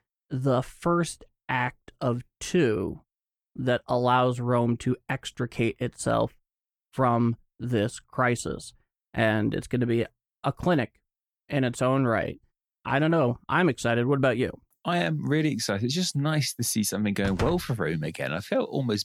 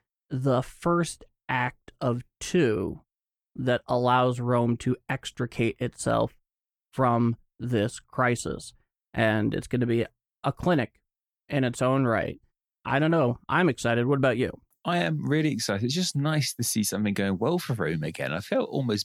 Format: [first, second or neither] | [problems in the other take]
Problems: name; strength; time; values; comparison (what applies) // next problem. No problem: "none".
second | door banging; noticeable; at 17 s; peak 6 dB below the speech